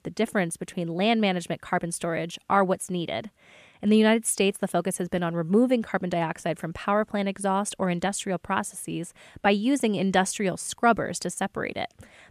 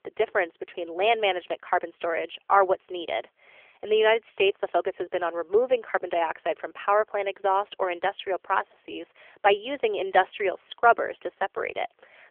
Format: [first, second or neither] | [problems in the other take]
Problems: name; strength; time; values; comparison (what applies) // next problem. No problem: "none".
first | phone-call audio; nothing above 3.5 kHz